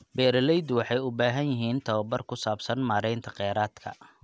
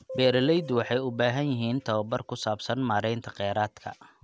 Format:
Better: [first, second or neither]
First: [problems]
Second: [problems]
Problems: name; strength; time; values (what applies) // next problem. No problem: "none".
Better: first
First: none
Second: background sound (Piano); 18 dB below the speech